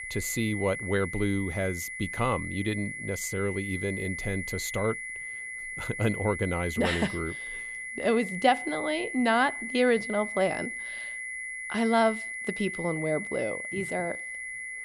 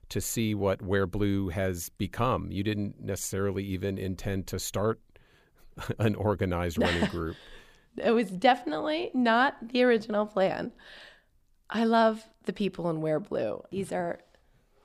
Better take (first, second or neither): second